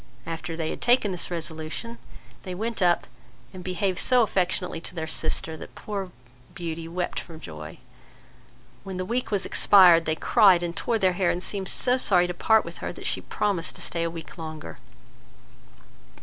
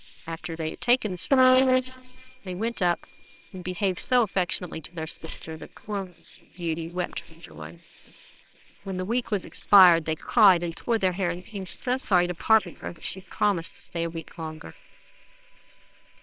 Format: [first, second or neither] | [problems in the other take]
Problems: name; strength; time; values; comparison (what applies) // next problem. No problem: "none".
first | noise reduction (neural separator model SepFormer WHAMR!)